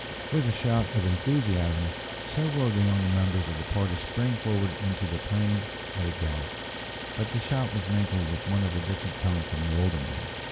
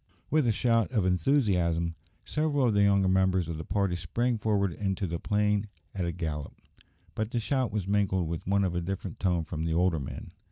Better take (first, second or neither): second